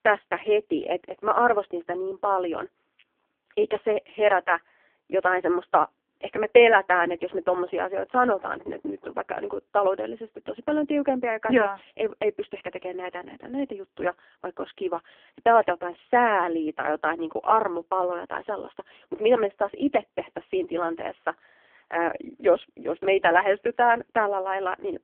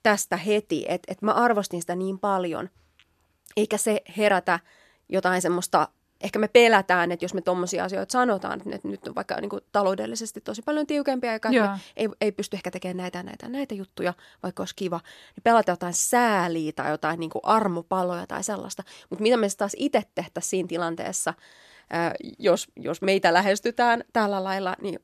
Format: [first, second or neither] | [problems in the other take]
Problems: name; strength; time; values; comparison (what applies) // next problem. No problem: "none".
second | phone-call audio; poor line; nothing above 3 kHz